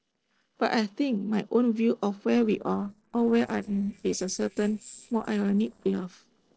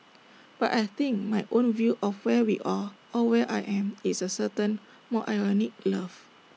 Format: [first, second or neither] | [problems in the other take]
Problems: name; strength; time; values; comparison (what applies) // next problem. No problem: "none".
second | noise reduction (neural separator model SepFormer DNS4)